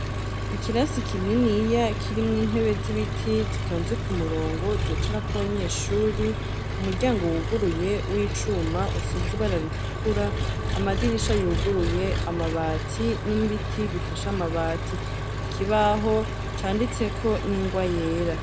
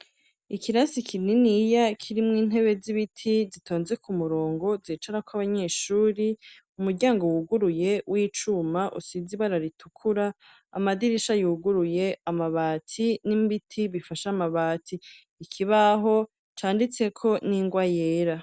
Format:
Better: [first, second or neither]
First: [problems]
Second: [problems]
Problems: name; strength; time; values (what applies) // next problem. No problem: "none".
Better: second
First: background sound (Engine); 1 dB below the speech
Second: none